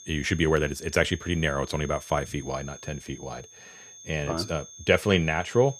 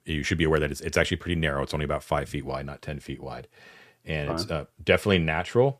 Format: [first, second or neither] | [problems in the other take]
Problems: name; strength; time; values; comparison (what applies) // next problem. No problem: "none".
second | high-pitched whine; noticeable; throughout; 6.5 kHz, 15 dB below the speech